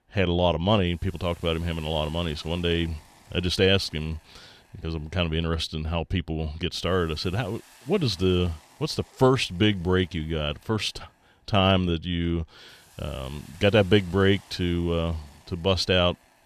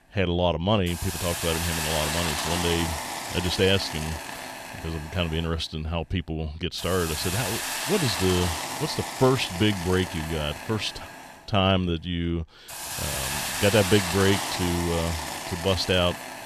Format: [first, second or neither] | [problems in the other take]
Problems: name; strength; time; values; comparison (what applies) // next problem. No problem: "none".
first | hiss; loud; throughout; 4 dB below the speech; faint in the first